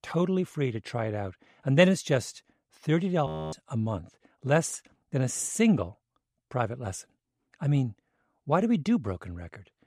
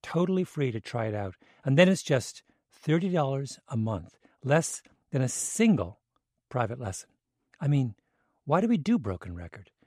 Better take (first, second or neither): second